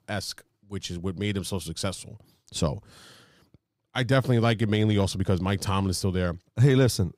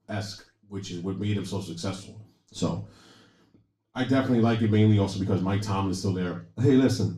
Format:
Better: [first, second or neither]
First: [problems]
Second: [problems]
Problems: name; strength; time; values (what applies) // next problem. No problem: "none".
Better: first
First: none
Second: room echo; slight; dies away in 0.3 s // off-mic speech; far